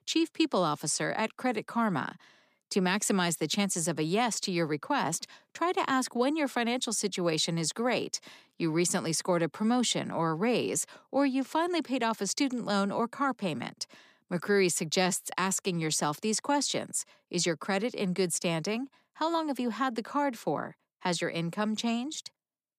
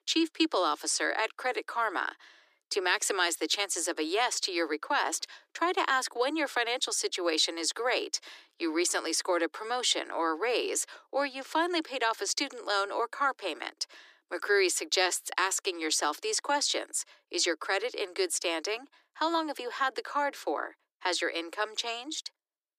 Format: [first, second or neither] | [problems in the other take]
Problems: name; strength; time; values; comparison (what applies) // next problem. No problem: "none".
first | thin; very; fading below 300 Hz